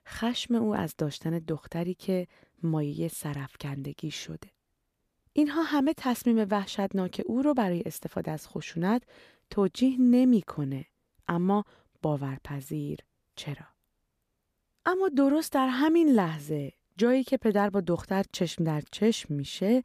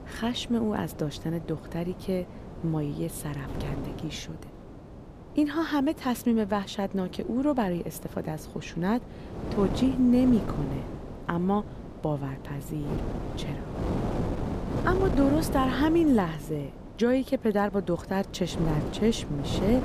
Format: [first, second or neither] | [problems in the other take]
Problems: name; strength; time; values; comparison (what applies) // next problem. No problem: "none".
first | wind noise on the microphone; heavy; 9 dB below the speech